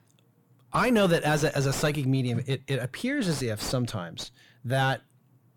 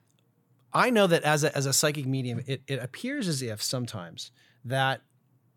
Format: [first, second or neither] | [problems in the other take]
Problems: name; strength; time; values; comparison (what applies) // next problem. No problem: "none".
second | distortion; heavy; 5 dB below the speech